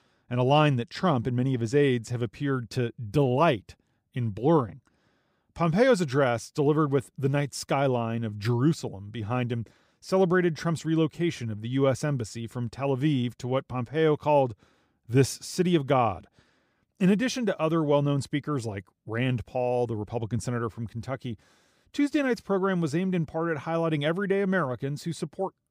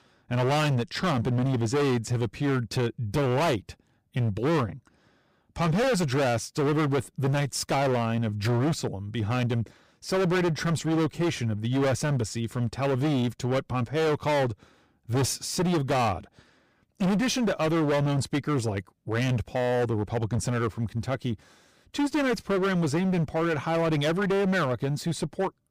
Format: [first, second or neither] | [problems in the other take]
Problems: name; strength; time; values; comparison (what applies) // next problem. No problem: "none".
first | distortion; heavy; 22% of the sound clipped